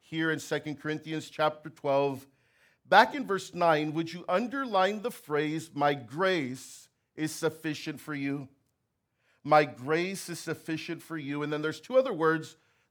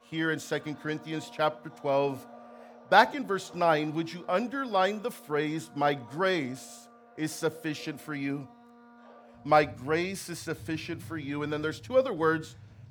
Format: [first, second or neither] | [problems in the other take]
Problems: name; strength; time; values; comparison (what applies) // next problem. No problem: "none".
first | household noises; faint; throughout; 20 dB below the speech